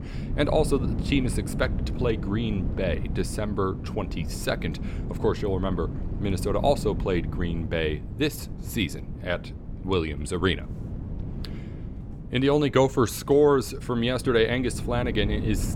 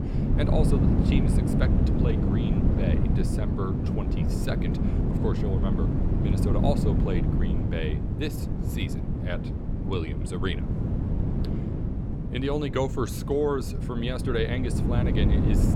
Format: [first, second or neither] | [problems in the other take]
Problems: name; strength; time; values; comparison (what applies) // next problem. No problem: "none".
first | wind noise on the microphone; heavy; 2 dB below the speech; occasional gusts in the first